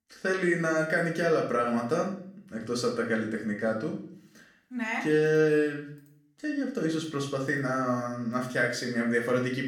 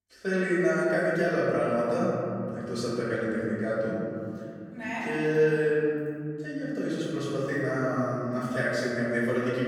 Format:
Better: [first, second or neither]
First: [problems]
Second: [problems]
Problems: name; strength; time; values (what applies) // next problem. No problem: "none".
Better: first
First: room echo; slight; dies away in 0.5 s // off-mic speech; far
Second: room echo; strong; dies away in 3 s // off-mic speech; far